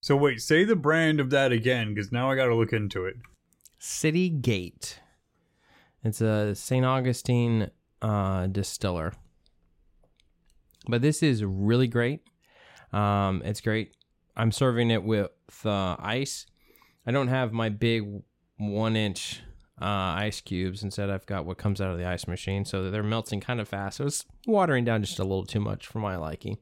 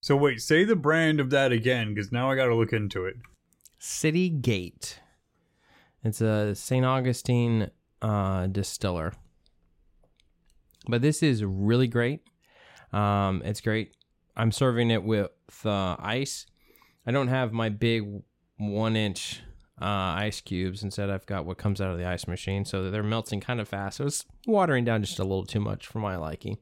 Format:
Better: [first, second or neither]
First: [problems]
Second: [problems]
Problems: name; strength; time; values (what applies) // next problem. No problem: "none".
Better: neither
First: none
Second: none